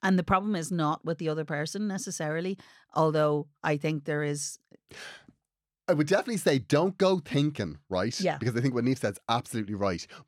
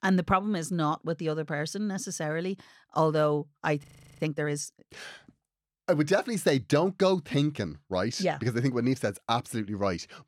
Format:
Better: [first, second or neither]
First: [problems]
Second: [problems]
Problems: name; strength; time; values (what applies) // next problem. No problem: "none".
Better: first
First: none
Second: audio freezing; at 4 s